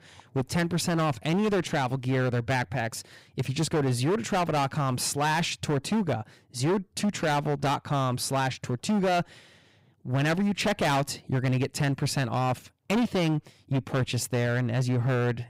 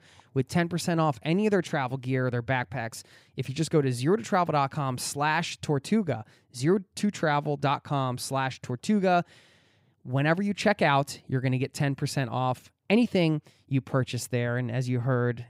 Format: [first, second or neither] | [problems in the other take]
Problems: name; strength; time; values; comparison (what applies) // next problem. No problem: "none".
second | distortion; heavy; 16% of the sound clipped